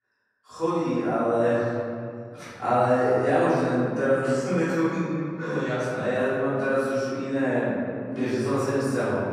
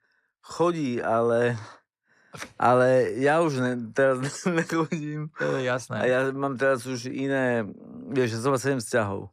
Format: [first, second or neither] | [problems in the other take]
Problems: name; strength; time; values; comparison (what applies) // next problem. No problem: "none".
second | room echo; strong; dies away in 2.2 s // off-mic speech; far